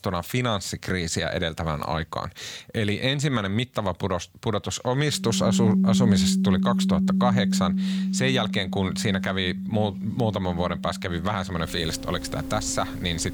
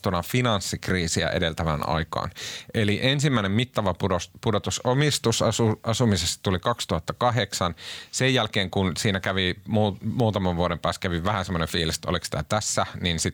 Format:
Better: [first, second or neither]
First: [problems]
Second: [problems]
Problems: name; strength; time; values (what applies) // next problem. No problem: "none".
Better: second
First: background music; very loud; from 5.5 s on; as loud as the speech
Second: none